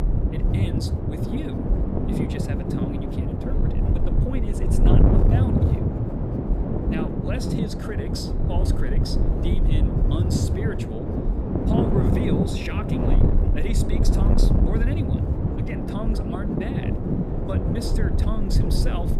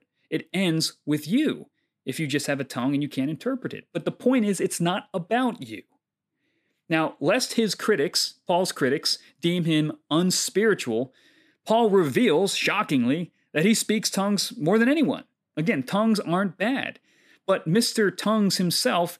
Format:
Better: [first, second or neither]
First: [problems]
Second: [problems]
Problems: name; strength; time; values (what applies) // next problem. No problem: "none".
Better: second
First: wind noise on the microphone; heavy; 4 dB above the speech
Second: none